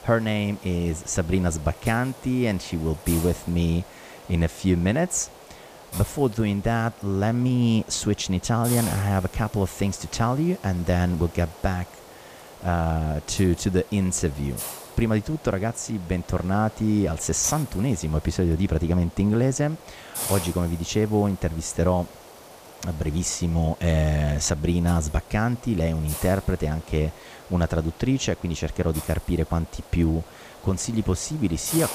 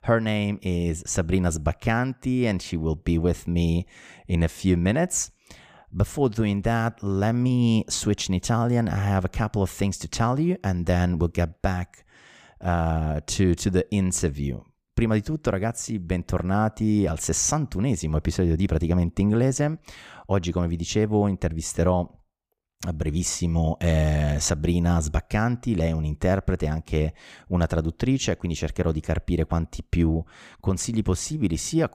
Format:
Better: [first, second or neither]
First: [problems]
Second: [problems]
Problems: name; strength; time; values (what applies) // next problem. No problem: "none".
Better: second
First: hiss; noticeable; throughout; 15 dB below the speech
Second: none